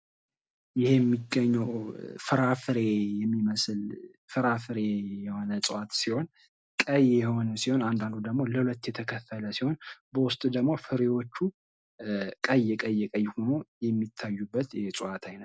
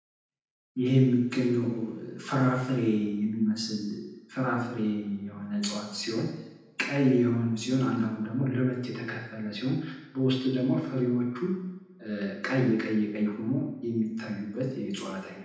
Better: first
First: none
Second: room echo; dies away in 0.9 s

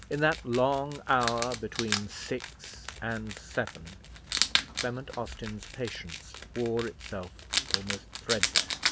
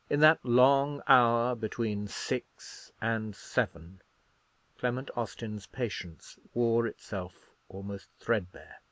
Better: second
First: background sound (Wild animals); 2 dB below the speech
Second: none

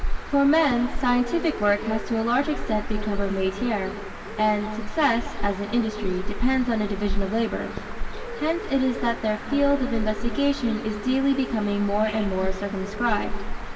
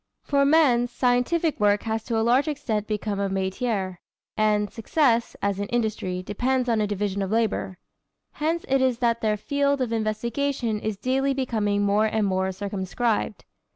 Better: second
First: background sound (Bird); 4 dB below the speech // room echo; dies away in 2.4 s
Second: none

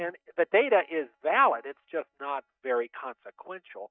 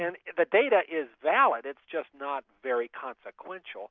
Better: second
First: noise reduction (neural mask model DeepFilterNet 3)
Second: none

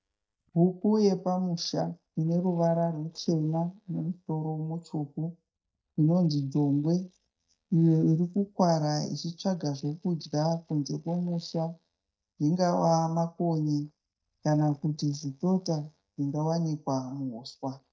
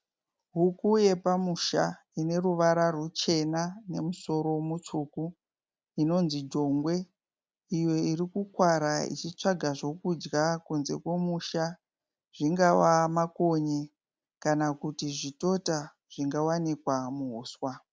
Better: second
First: noise reduction (neural mask model DeepFilterNet 3)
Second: none

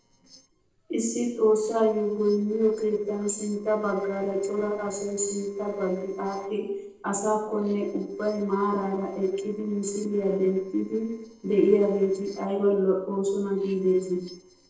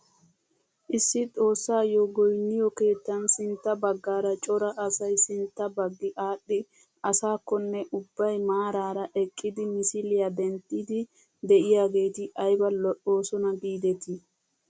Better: second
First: noise reduction (neural separator model SepFormer DNS4)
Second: none

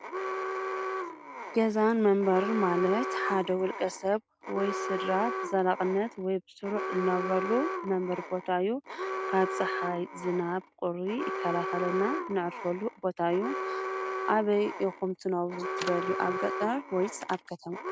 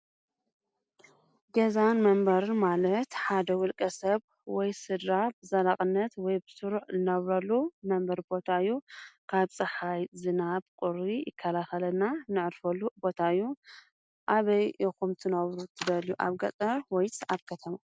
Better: second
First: background sound (Alarm); 6 dB below the speech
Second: none

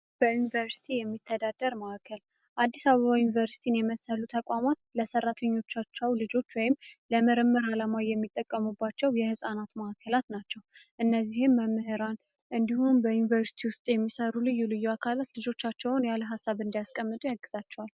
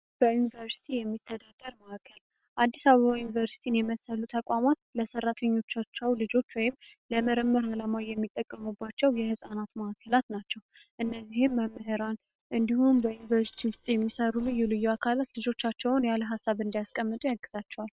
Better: first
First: none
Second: noise reduction (neural separator model SepFormer WHAM!)

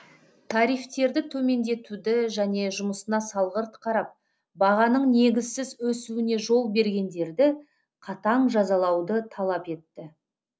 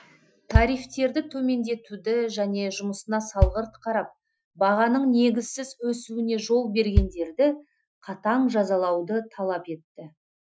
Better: first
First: none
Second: noise reduction (classical method Wiener filter)

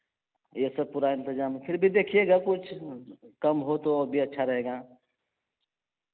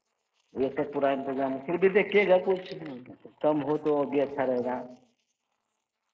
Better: first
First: none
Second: noise reduction (neural mask model Resemble Enhance denoiser)

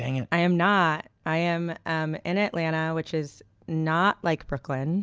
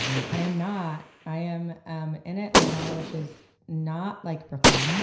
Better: first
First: none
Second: background sound (Gunshot, gunfire); 3 dB above the speech // room echo; dies away in 0.5 s

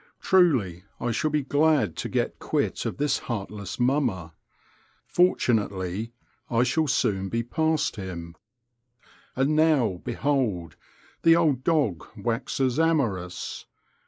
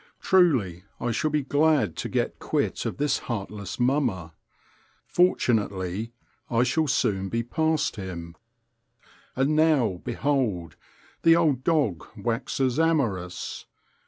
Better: second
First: noise reduction (neural mask model Resemble Enhance denoiser)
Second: none

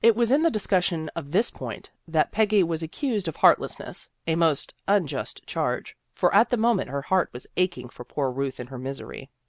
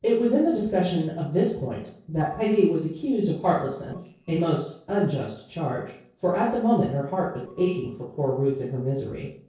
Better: first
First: none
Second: noise reduction (neural separator model SepFormer DNS4)

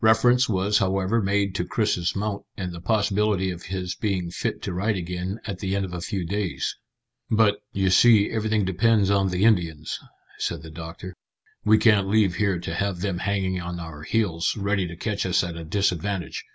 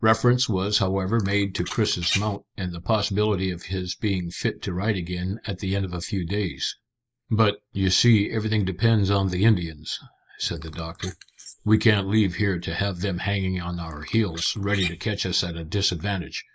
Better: first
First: none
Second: noise reduction (neural mask model Resemble Enhance denoiser)

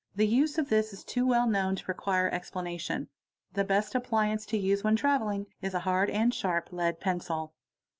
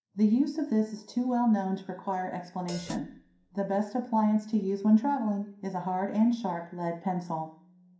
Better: first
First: none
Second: background sound (Hi-hat); 17 dB below the speech // room echo; dies away in 0.5 s

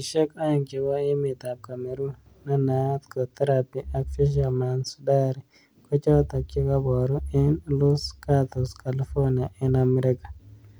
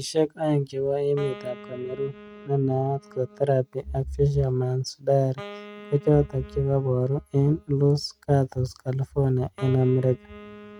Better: first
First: none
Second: noise reduction (neural mask model RNNoise)

